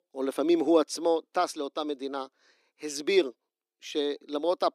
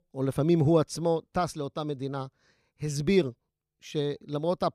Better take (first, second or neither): second